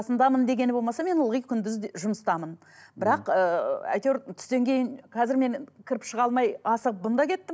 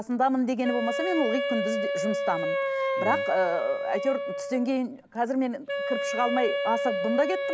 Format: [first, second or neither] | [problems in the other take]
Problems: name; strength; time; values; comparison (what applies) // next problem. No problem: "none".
first | background sound (Wind instrument, woodwind instrument); 2 dB below the speech